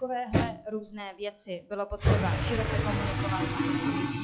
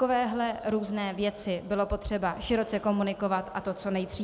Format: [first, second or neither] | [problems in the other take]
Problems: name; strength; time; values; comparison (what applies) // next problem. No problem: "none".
second | noise reduction (classical method log-MMSE)